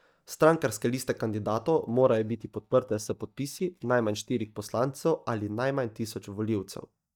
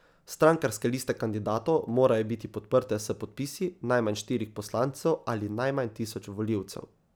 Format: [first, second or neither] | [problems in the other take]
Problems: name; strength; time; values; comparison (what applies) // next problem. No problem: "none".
second | noise reduction (neural mask model DeepFilterNet 3)